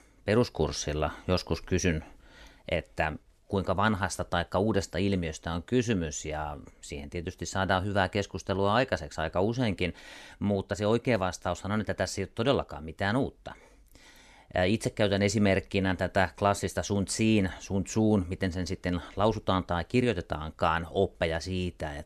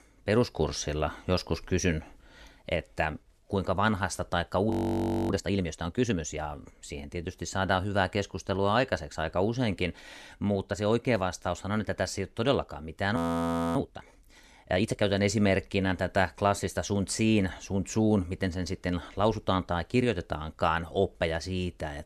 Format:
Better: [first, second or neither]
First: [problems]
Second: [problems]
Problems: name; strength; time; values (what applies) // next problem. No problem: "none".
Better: first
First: none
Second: audio freezing; at 4.5 s for 0.5 s and at 13 s for 0.5 s